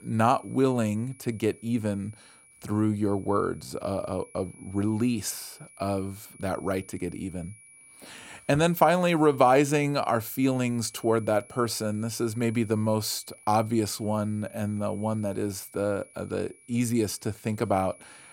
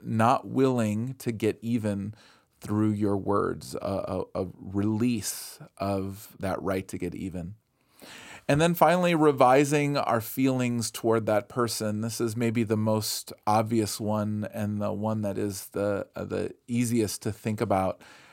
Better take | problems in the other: second | high-pitched whine; faint; throughout; 10.5 kHz, 25 dB below the speech

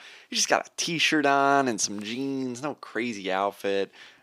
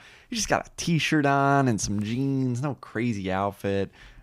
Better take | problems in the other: second | thin; very slightly; fading below 350 Hz

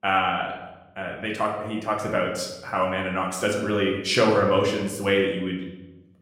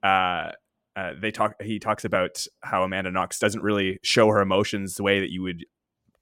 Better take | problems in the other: second | room echo; noticeable; dies away in 0.8 s // off-mic speech; somewhat distant

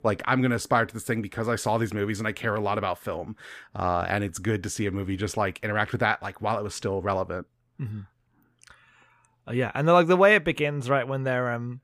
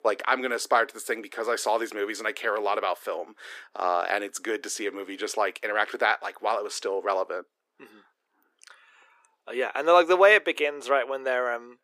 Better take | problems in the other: first | thin; very; fading below 350 Hz

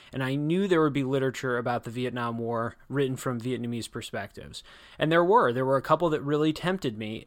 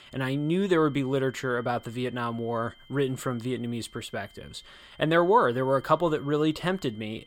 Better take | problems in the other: first | high-pitched whine; faint; throughout; 3 kHz, 25 dB below the speech

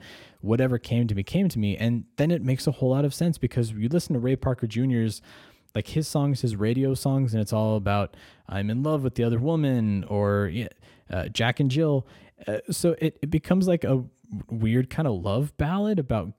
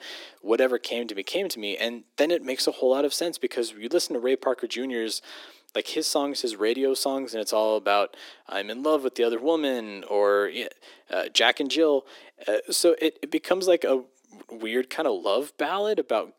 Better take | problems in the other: first | thin; very; fading below 300 Hz

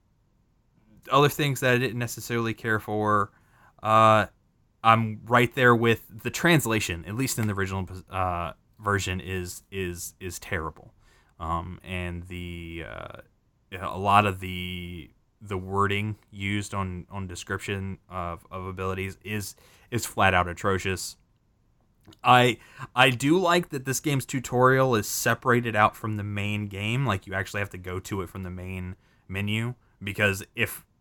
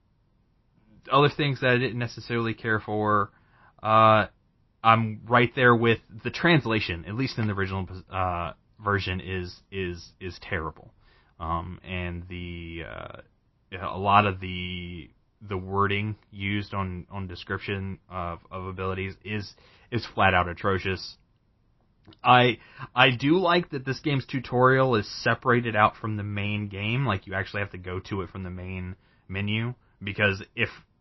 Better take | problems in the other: first | garbled, watery; slightly; nothing above 5.5 kHz

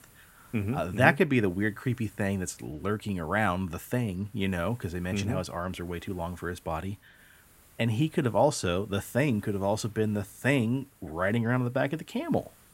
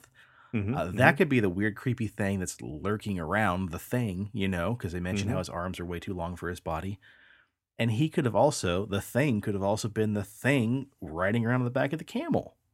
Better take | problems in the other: second | hiss; faint; throughout; 30 dB below the speech

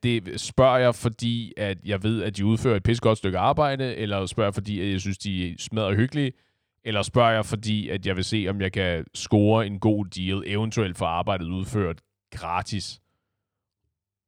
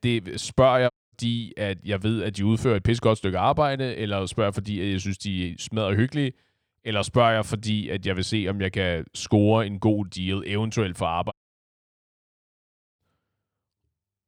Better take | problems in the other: first | audio cutting out; at 1 s and at 11 s for 1.5 s

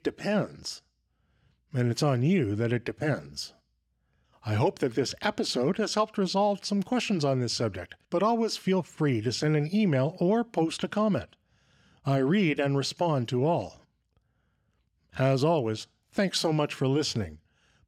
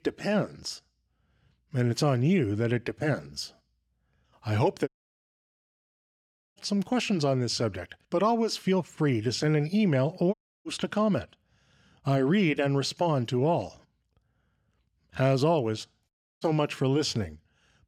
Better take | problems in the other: first | audio cutting out; at 5 s for 1.5 s, at 10 s and at 16 s

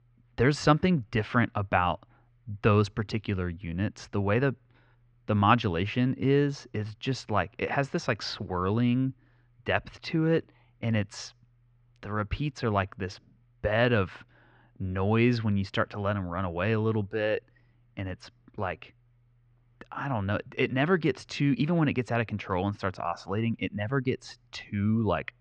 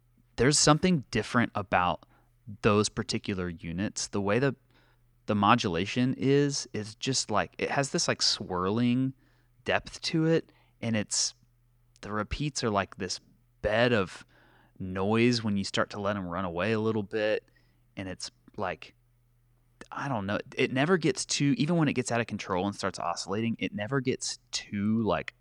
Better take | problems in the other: second | muffled; slightly; fading above 2.5 kHz

